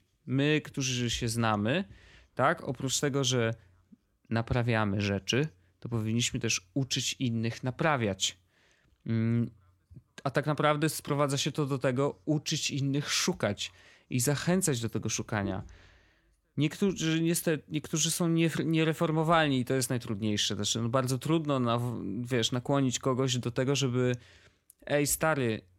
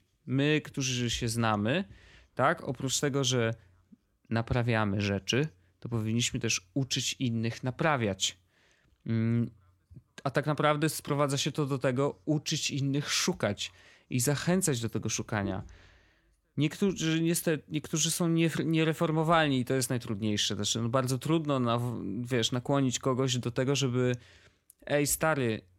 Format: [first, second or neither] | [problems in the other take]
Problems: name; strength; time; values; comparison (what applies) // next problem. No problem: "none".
neither | none